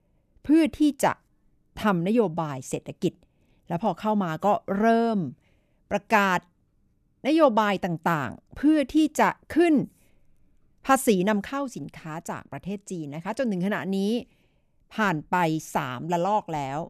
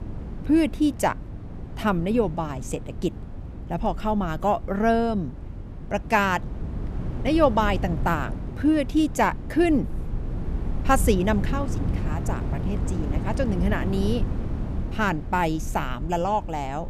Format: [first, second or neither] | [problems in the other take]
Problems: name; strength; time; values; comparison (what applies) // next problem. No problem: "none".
first | wind noise on the microphone; occasional gusts; 15 dB below the speech